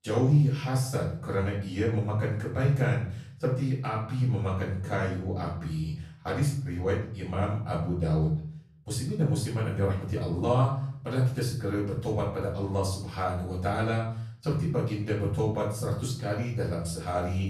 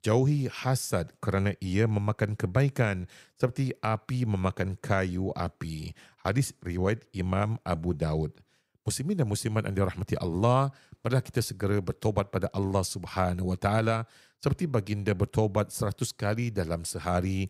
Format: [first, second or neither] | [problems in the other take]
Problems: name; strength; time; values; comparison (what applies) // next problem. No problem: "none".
second | off-mic speech; far // room echo; noticeable; dies away in 0.5 s